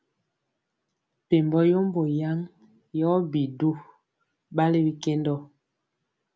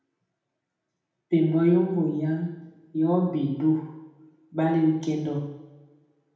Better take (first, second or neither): first